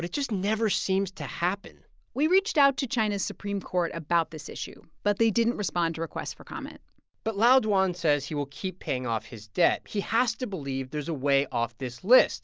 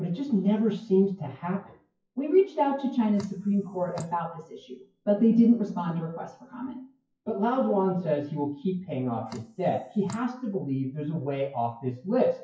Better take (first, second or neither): first